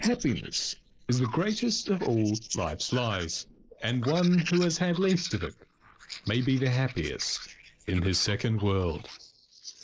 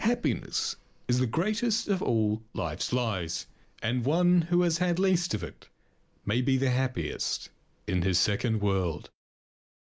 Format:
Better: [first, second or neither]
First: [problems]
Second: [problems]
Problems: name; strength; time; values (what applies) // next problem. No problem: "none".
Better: second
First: noise reduction (neural mask model Resemble Enhance denoiser)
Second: none